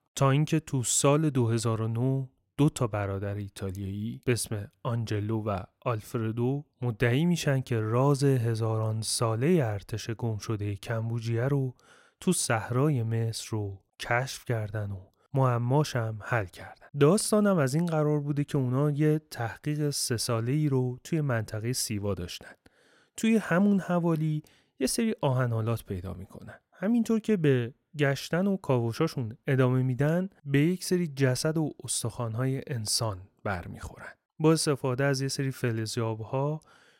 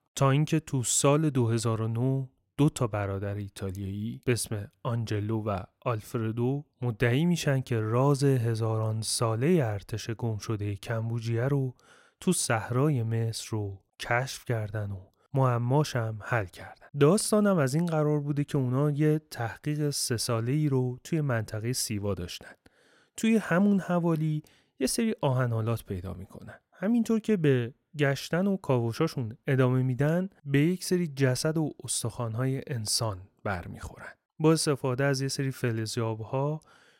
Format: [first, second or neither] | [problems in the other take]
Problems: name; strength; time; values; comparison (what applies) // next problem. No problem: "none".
neither | none